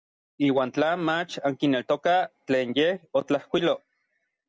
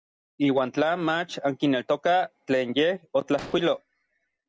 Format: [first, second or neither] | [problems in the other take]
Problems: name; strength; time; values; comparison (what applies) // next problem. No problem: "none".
first | background sound (Explosion); 19 dB below the speech